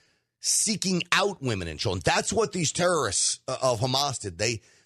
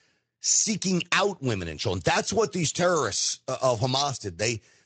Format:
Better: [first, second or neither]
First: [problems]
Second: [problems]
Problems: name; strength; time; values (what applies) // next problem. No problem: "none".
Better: first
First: none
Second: garbled, watery; slightly; nothing above 7.5 kHz